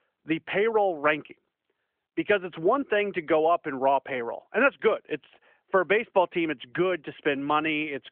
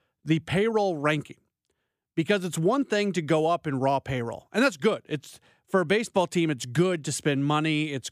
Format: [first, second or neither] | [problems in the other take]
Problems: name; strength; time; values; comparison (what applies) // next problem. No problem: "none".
second | phone-call audio; nothing above 3 kHz